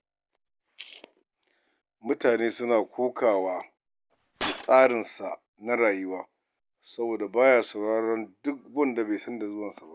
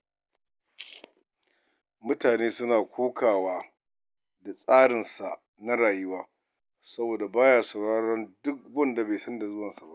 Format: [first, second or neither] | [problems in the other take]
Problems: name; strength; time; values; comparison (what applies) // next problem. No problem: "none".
second | background sound (Shatter); 10 dB below the speech